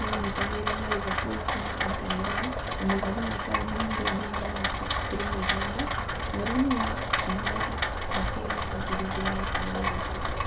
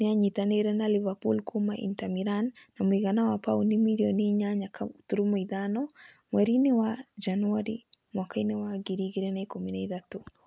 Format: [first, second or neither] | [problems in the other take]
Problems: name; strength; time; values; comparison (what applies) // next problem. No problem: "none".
second | background sound (Rain); 4 dB above the speech // room echo; dies away in 0.1 s